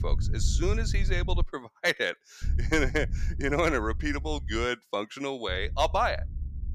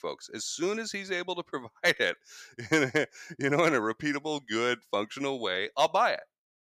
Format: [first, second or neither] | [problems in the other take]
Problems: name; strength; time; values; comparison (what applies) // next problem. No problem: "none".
second | low rumble; faint; until 1.5 s, from 2.5 to 4.5 s and from 5.5 s on; 20 dB below the speech